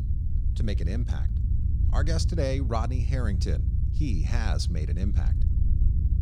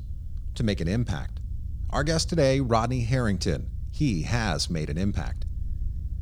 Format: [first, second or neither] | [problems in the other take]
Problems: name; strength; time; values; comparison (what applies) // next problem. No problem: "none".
second | low rumble; loud; throughout; 8 dB below the speech; faint in the second